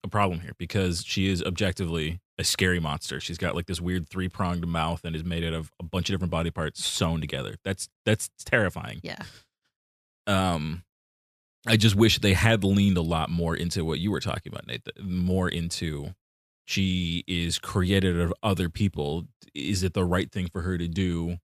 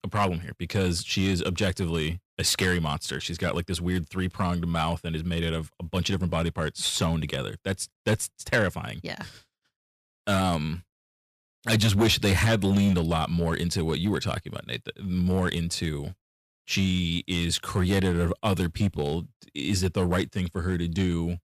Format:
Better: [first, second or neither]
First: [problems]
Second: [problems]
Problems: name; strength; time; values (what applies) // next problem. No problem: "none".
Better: first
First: none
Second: distortion; slight; 3% of the sound clipped